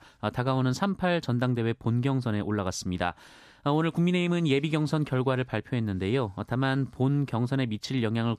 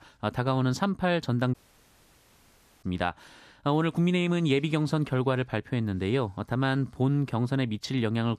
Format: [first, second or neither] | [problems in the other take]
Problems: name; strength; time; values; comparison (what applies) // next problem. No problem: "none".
first | audio cutting out; at 1.5 s for 1.5 s